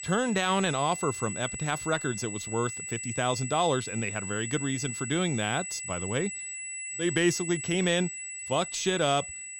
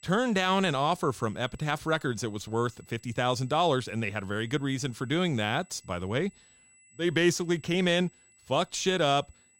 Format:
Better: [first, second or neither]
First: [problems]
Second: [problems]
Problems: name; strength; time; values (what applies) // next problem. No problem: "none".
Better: second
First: high-pitched whine; loud; throughout; 8 kHz, 6 dB below the speech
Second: high-pitched whine; faint; throughout; 8 kHz, 30 dB below the speech